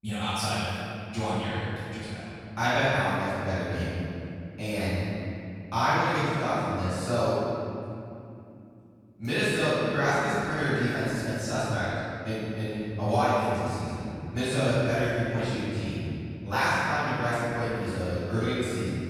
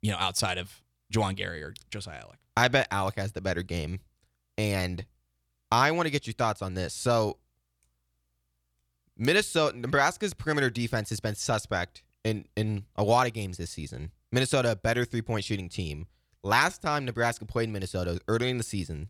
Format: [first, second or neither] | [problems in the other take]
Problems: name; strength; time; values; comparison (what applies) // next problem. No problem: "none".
second | off-mic speech; far // room echo; strong; dies away in 2.7 s